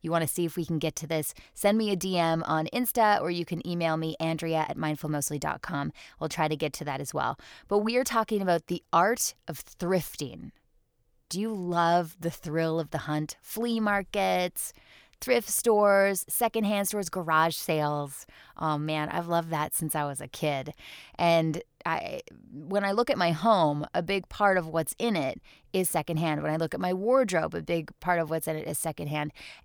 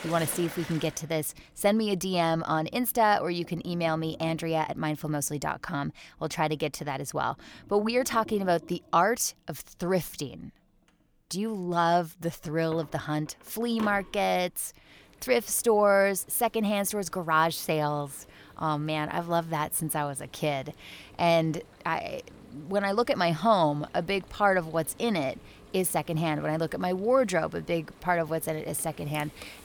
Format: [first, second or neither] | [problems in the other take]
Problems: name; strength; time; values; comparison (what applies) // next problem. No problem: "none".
first | household noises; faint; throughout; 20 dB below the speech